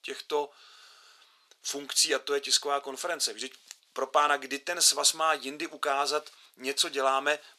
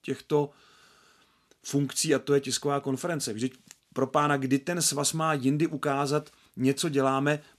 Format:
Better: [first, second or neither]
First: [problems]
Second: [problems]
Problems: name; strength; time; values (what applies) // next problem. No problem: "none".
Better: second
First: thin; very; fading below 550 Hz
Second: none